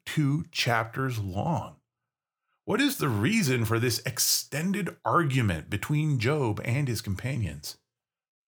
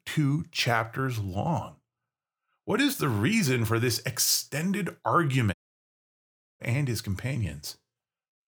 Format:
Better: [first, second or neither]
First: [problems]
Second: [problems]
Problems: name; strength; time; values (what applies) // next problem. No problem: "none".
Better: first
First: none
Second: audio cutting out; at 5.5 s for 1 s